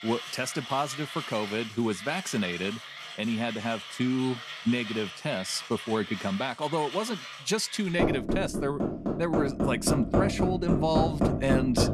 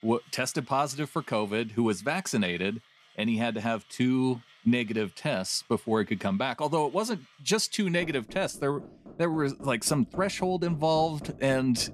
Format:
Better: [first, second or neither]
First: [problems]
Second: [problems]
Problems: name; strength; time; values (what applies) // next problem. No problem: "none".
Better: second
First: machinery noise; loud; throughout; 2 dB below the speech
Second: machinery noise; faint; throughout; 20 dB below the speech